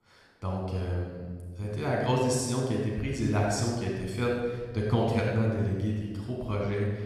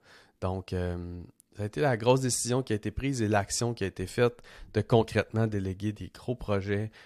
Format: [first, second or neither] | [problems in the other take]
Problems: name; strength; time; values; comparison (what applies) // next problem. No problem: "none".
second | off-mic speech; somewhat distant // room echo; noticeable; dies away in 1.3 s